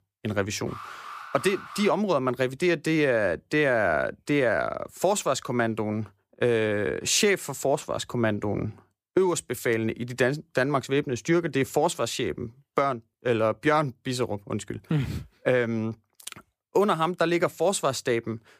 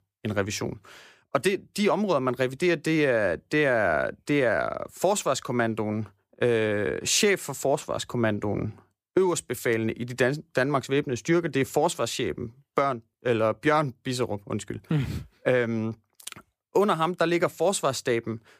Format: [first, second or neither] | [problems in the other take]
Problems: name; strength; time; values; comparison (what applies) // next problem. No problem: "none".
second | alarm; faint; from 0.5 to 2 s; peak 15 dB below the speech